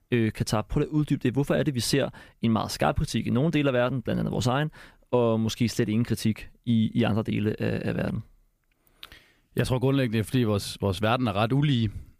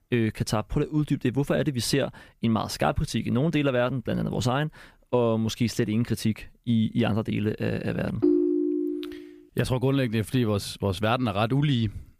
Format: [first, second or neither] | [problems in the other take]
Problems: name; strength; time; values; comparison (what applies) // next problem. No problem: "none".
first | phone ringing; loud; at 8 s; peak 4 dB above the speech